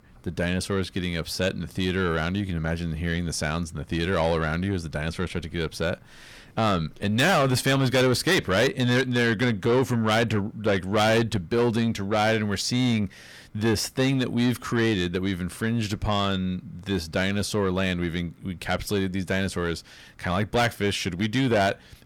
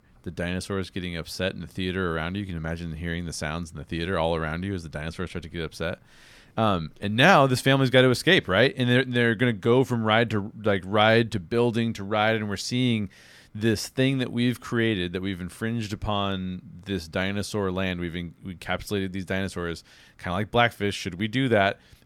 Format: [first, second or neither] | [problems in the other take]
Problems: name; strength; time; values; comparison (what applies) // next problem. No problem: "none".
second | distortion; heavy; 7 dB below the speech